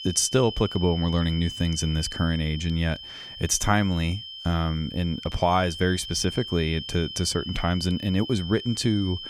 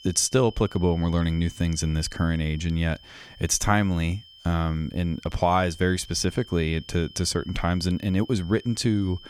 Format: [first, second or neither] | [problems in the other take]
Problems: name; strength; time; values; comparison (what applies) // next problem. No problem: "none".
second | high-pitched whine; loud; throughout; 3 kHz, 10 dB below the speech; faint in the second